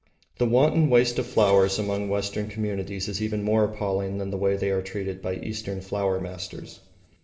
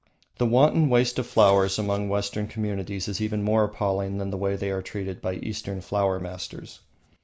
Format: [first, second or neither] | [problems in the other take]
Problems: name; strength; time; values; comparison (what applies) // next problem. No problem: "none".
second | room echo; dies away in 2.2 s